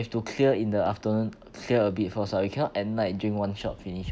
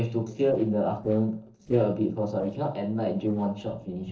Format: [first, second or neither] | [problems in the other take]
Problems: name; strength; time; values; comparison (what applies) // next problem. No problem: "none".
first | noise reduction (neural separator model SepFormer DNS4)